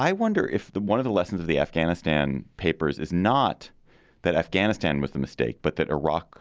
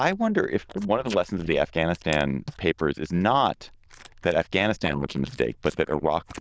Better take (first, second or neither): first